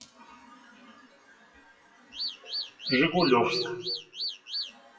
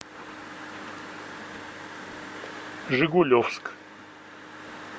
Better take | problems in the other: second | noise reduction (classical method WPE with log-MMSE)

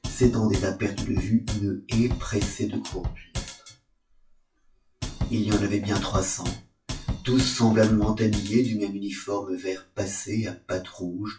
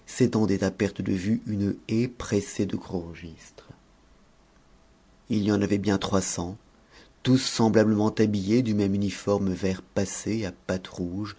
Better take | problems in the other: second | noise reduction (classical method WPE with log-MMSE)

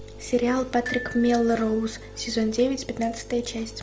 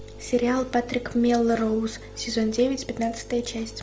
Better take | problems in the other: second | background sound (Glockenspiel); 16 dB below the speech

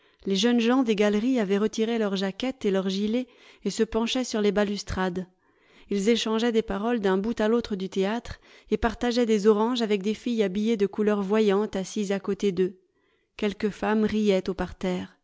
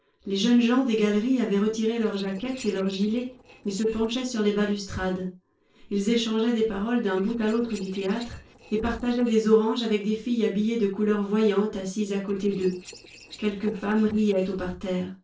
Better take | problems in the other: first | noise reduction (neural separator model SepFormer DNS4)

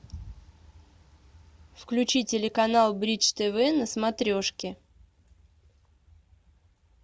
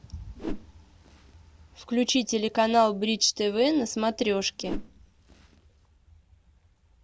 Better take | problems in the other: first | background sound (Whoosh, swoosh, swish); 14 dB below the speech

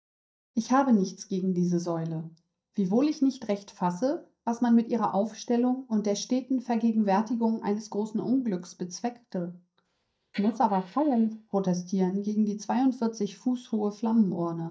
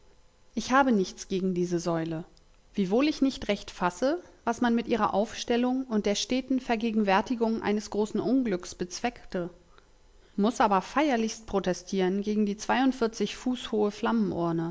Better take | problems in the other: second | noise reduction (neural mask model DeepFilterNet 3)

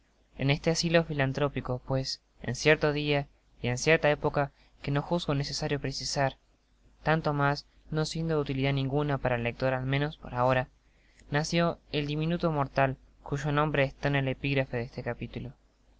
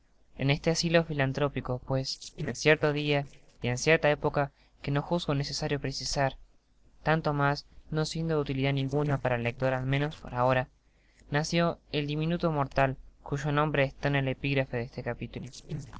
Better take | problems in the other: first | noise reduction (neural separator model SepFormer DNS4)

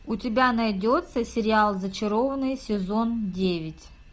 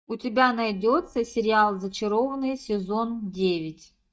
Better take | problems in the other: first | noise reduction (neural mask model DeepFilterNet 3)

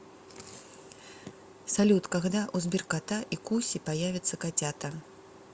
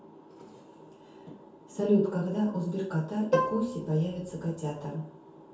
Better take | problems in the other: first | background sound (Plucked string instrument); 2 dB below the speech // room echo; dies away in 0.6 s

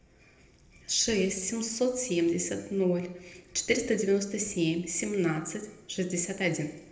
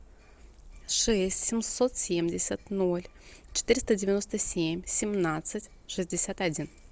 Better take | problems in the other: second | room echo; dies away in 0.7 s

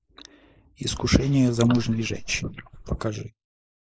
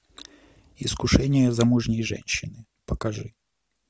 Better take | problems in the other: second | noise reduction (neural mask model Resemble Enhance denoiser)

